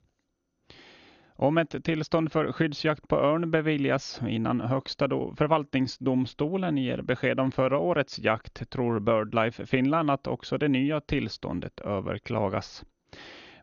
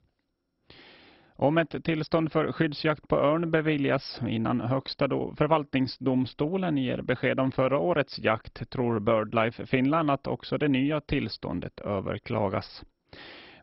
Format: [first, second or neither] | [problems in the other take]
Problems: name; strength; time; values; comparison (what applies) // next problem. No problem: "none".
first | garbled, watery; badly; nothing above 5.5 kHz; slightly in the first